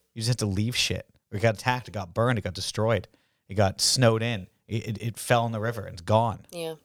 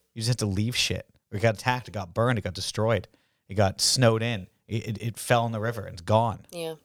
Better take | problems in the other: neither | none

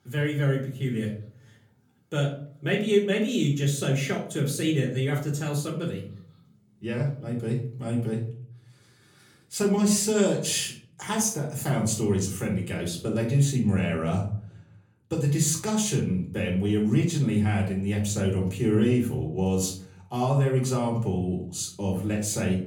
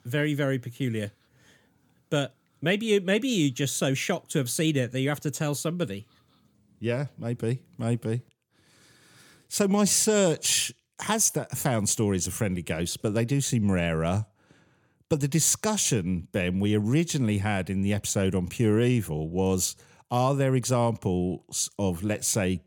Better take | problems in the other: second | off-mic speech; far // room echo; slight; dies away in 0.5 s

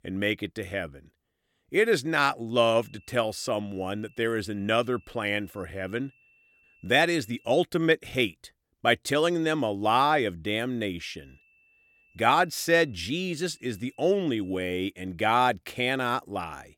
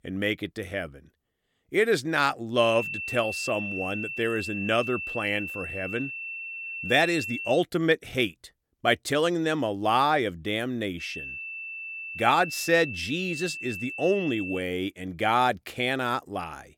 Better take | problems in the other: first | high-pitched whine; loud; from 2.5 to 7.5 s and from 11 to 15 s; 2.5 kHz, 7 dB below the speech; faint in the first

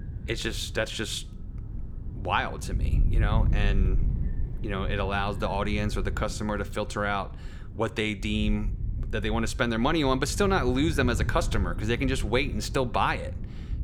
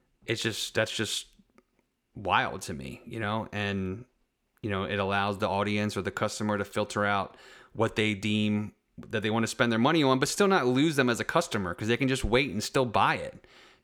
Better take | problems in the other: second | wind noise on the microphone; occasional gusts; 20 dB below the speech

